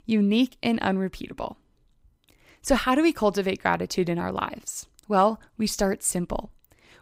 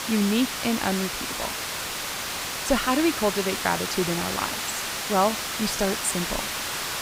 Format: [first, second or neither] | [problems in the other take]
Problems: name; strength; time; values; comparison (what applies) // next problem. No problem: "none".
first | hiss; loud; throughout; 2 dB below the speech